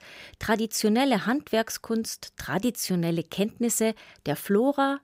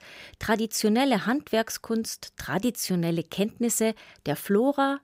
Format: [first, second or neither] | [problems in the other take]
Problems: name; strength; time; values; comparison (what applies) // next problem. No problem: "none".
neither | none